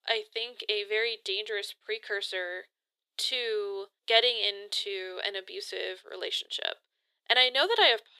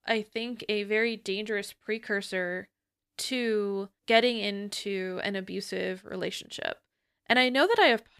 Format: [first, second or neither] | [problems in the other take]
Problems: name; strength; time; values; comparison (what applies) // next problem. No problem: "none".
second | thin; very; fading below 400 Hz